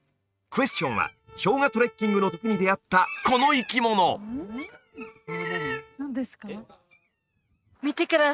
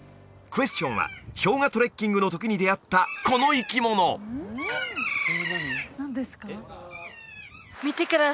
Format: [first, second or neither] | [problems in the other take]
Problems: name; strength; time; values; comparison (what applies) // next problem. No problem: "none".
second | noise reduction (neural mask model RNNoise)